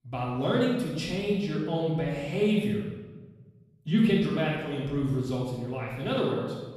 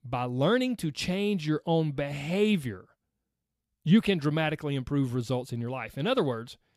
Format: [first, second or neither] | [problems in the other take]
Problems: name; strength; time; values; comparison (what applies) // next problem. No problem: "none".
second | off-mic speech; far // room echo; noticeable; dies away in 1.1 s